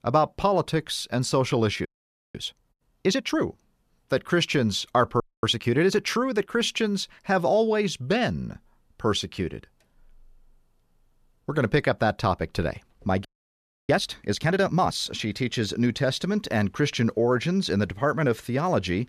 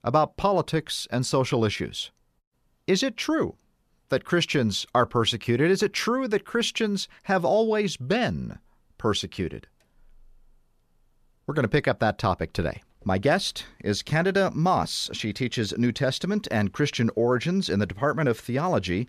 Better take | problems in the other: second | audio freezing; at 2 s, at 5 s and at 13 s for 0.5 s

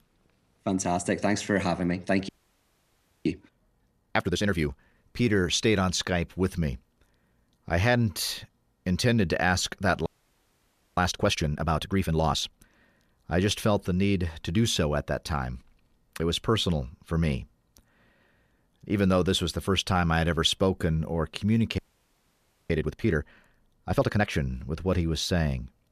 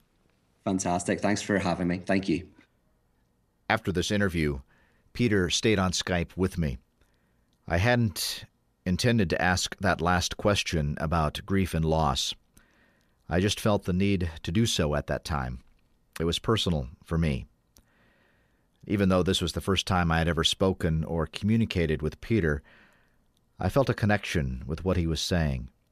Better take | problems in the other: second | audio freezing; at 2.5 s for 1 s, at 10 s for 1 s and at 22 s for 1 s

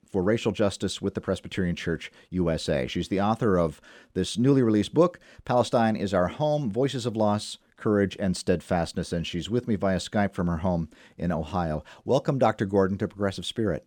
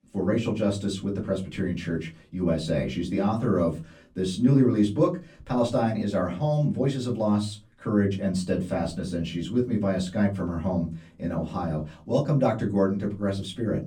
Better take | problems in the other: first | off-mic speech; far // room echo; very slight; dies away in 0.3 s

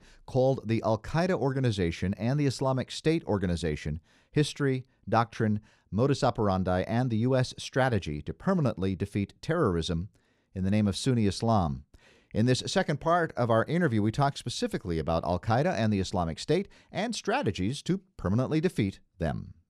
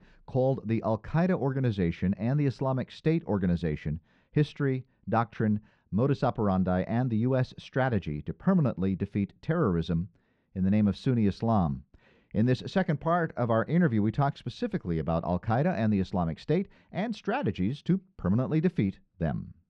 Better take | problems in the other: first | muffled; slightly; fading above 2.5 kHz

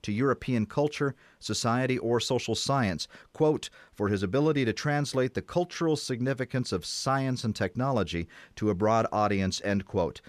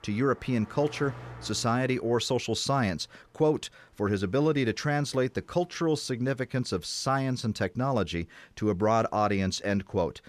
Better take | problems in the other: first | traffic noise; noticeable; until 7 s; 20 dB below the speech

